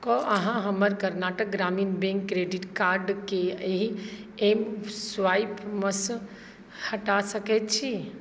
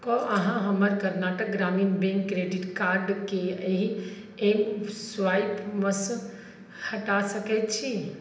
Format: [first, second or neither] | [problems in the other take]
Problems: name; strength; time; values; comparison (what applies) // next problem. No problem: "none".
first | room echo; dies away in 0.8 s